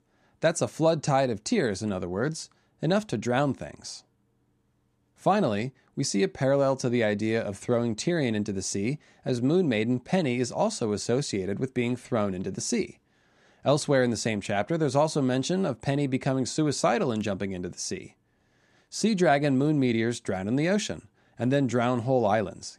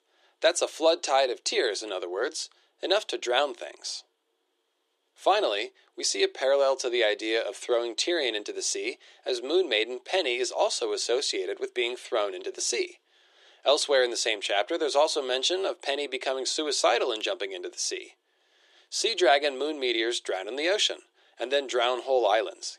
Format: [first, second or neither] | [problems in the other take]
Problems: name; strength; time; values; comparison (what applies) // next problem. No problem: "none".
first | thin; very; fading below 350 Hz